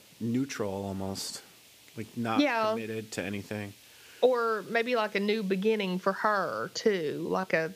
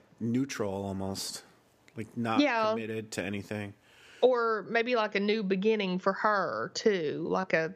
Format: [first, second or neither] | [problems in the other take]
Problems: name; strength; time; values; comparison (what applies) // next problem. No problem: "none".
second | hiss; faint; throughout; 25 dB below the speech